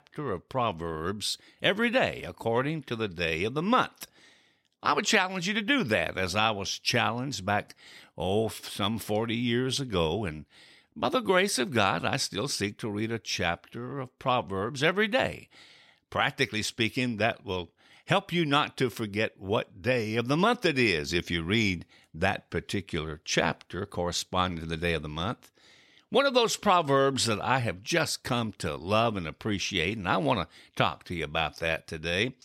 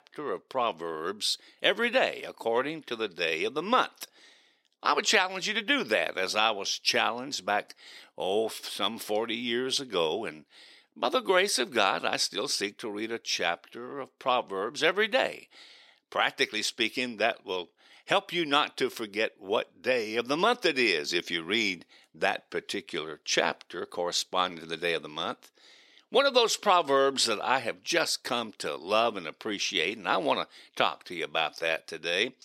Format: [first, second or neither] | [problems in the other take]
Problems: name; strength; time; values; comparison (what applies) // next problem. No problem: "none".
first | thin; somewhat; fading below 400 Hz